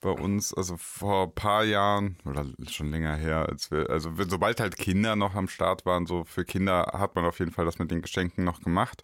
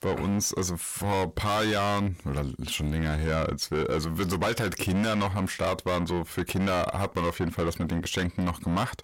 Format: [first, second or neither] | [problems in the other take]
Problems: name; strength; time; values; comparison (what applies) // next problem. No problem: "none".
first | distortion; heavy; 7 dB below the speech